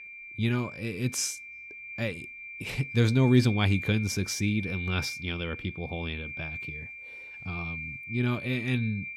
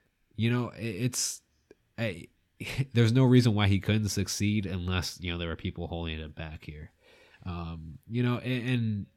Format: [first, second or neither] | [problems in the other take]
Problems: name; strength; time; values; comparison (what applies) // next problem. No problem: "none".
second | high-pitched whine; loud; throughout; 2.5 kHz, 9 dB below the speech